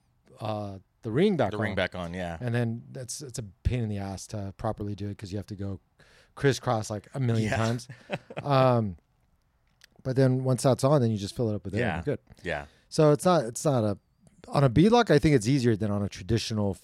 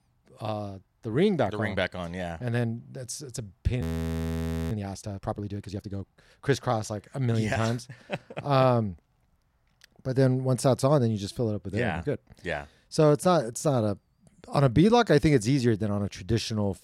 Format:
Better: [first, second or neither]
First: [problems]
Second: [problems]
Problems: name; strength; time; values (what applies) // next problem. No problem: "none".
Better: first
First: none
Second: audio freezing; at 4 s for 1 s